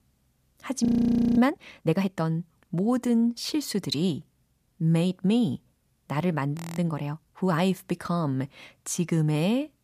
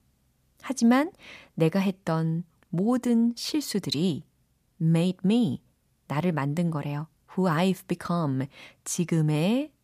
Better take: second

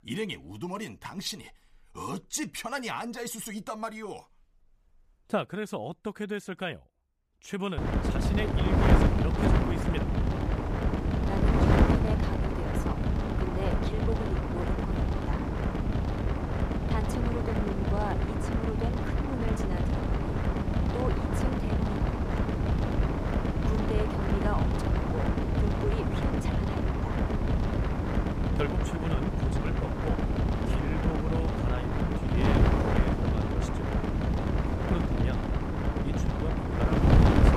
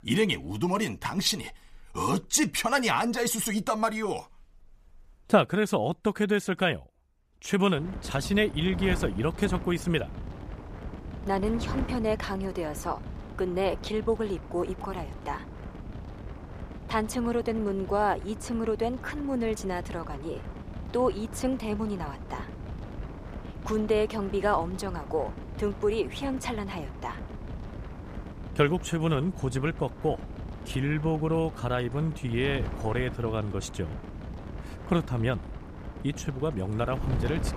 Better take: second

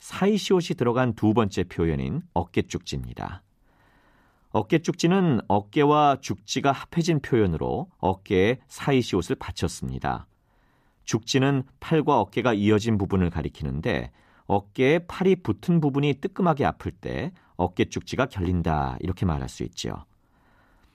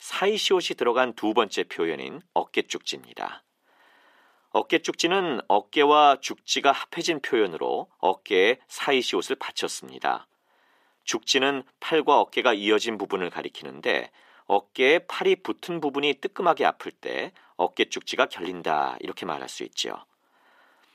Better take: first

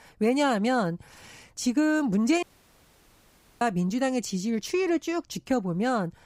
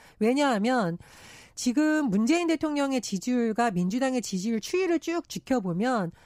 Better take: second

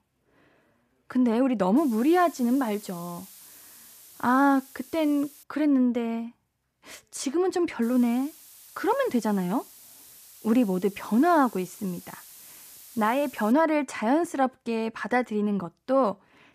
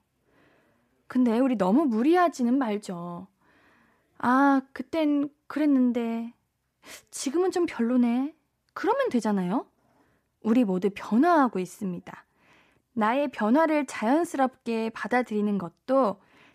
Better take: second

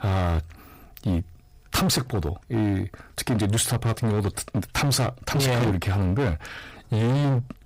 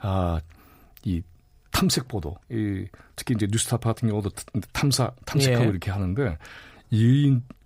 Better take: second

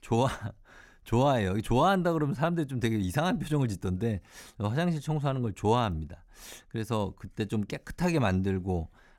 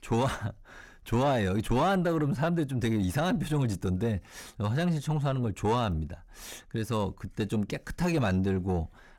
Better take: first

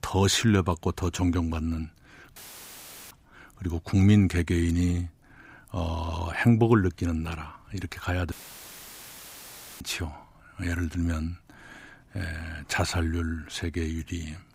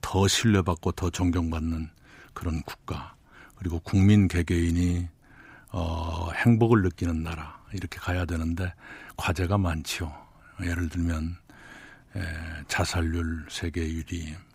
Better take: second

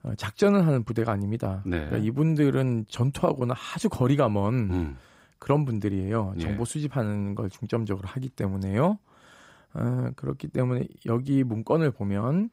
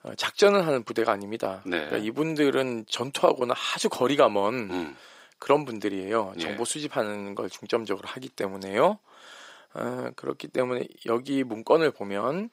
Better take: first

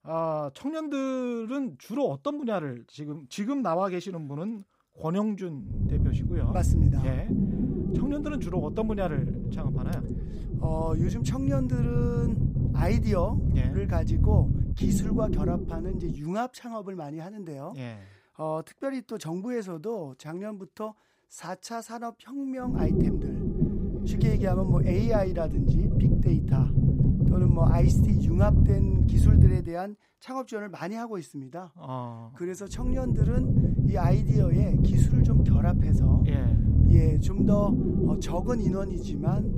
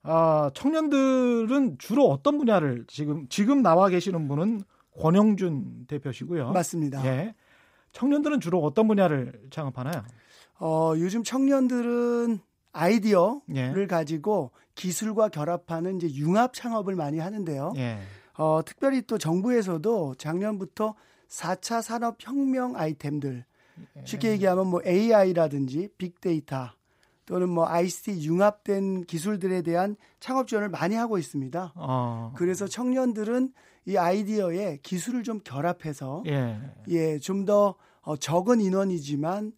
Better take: second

